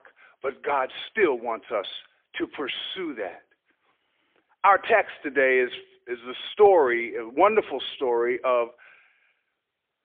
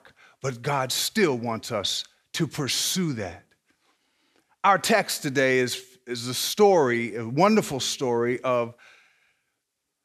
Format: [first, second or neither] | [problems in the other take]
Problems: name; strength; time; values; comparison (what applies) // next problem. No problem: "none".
second | phone-call audio; poor line; nothing above 3.5 kHz